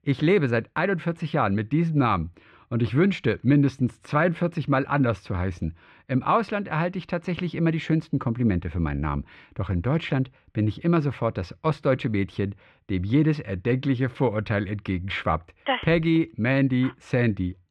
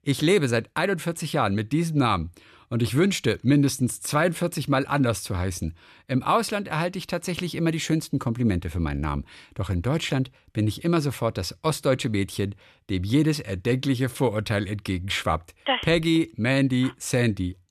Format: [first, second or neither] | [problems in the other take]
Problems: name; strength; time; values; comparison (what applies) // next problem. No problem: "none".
second | muffled; slightly; fading above 2 kHz